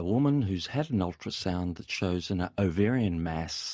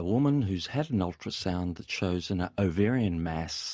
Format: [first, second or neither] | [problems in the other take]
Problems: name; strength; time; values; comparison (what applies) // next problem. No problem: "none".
second | noise reduction (neural mask model Resemble Enhance denoiser)